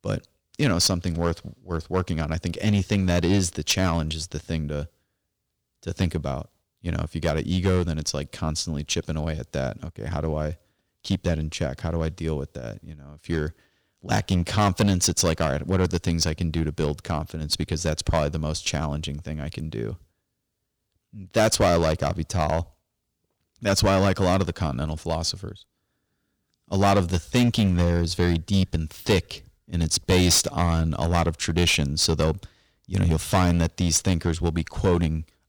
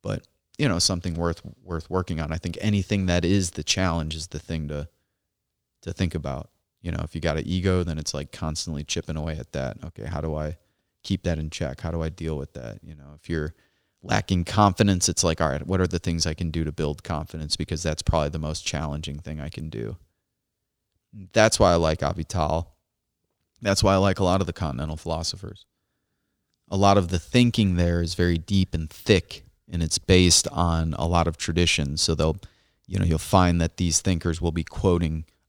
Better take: second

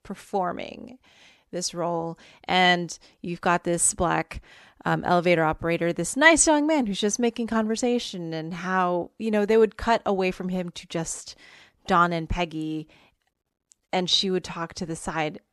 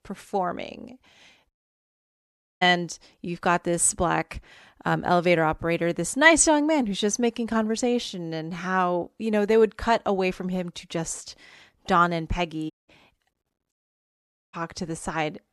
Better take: first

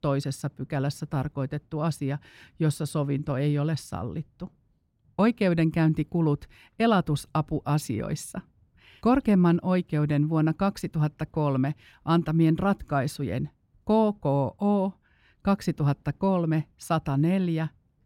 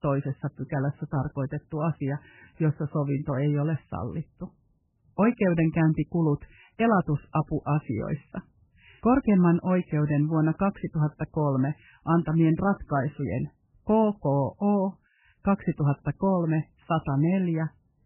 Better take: first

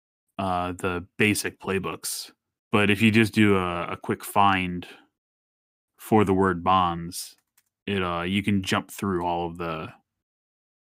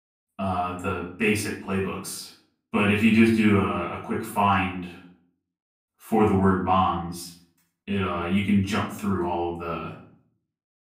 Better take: first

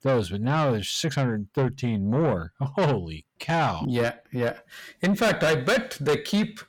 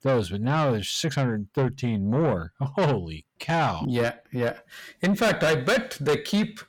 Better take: neither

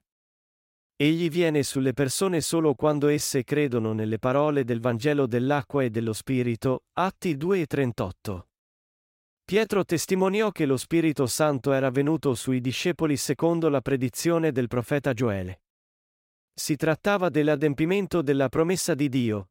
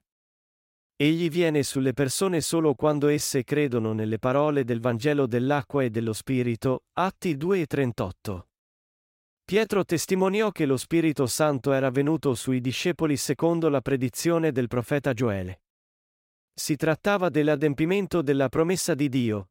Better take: neither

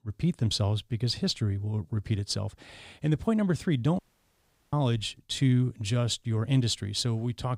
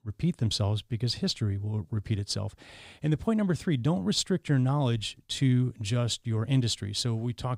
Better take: second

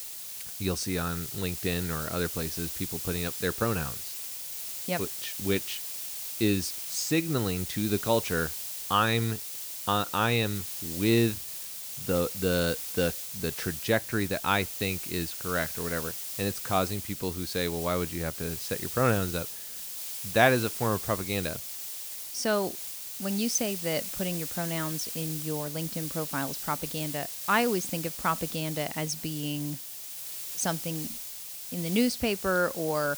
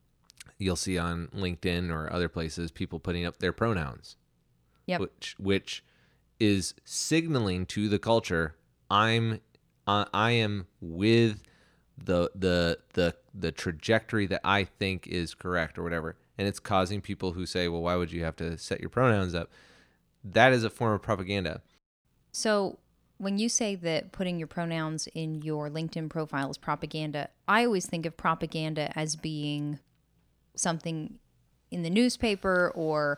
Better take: second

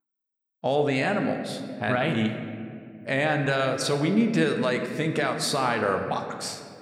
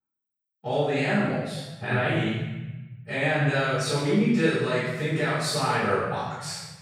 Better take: first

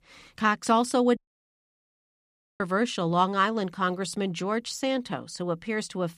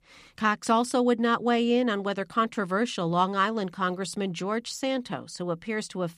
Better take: second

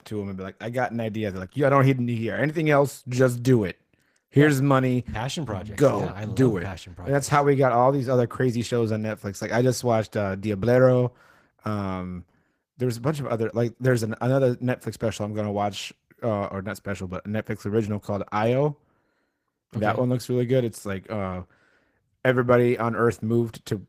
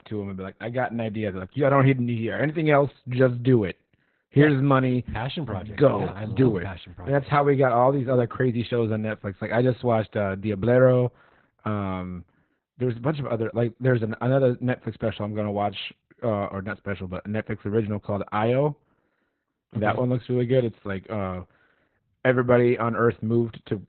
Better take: first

